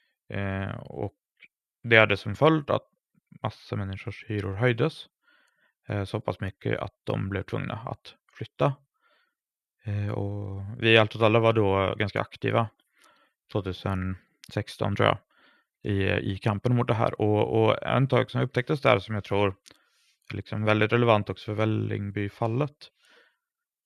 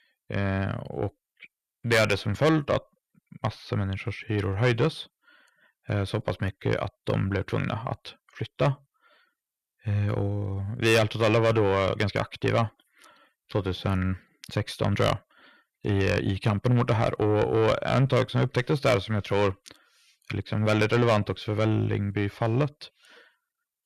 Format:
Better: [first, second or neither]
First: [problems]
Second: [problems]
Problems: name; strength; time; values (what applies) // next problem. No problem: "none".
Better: first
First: none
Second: distortion; heavy; 7 dB below the speech